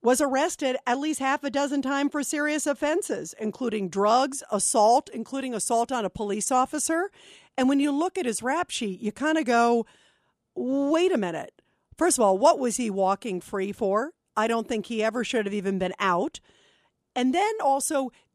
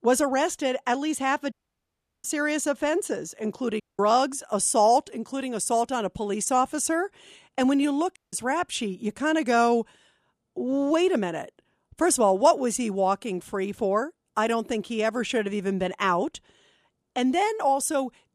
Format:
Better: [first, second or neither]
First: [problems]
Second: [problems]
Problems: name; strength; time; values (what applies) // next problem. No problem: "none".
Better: first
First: none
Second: audio cutting out; at 1.5 s for 0.5 s, at 4 s and at 8 s